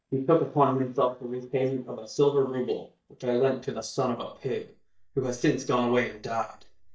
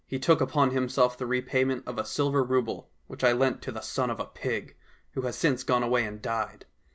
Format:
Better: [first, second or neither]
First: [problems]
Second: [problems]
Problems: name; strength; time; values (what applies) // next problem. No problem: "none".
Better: second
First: noise reduction (neural mask model DeepFilterNet 3)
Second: none